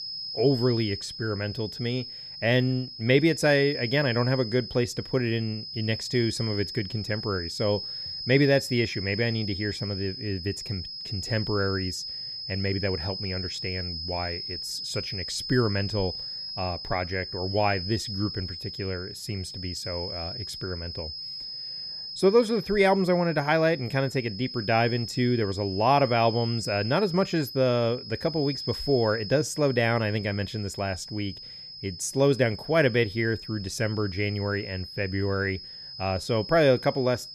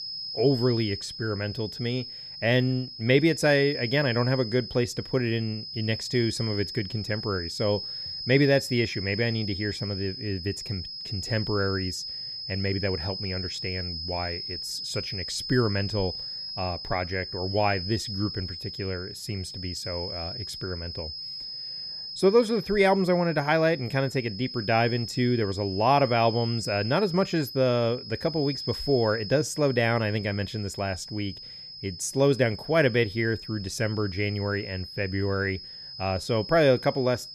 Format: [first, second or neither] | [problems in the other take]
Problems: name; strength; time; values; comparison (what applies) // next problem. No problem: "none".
neither | high-pitched whine; loud; throughout; 5 kHz, 8 dB below the speech; the same in both